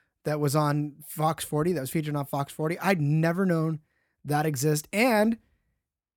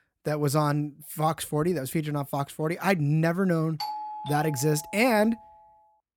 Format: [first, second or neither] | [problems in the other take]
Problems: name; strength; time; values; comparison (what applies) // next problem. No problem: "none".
first | doorbell; noticeable; from 4 to 5.5 s; peak 7 dB below the speech